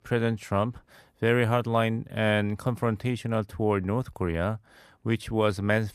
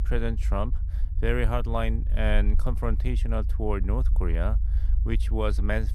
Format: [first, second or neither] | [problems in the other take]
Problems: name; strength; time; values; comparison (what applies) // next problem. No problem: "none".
first | low rumble; noticeable; throughout; 15 dB below the speech